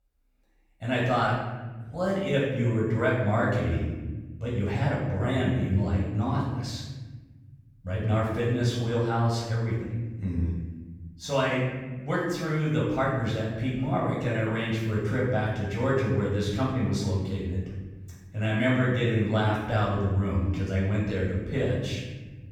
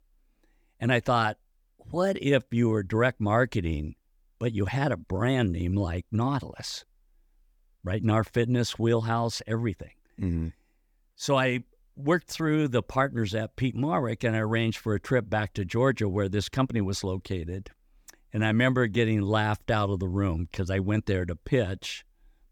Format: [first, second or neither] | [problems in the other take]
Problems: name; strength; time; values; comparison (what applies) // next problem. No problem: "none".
second | room echo; noticeable; dies away in 1.3 s // off-mic speech; far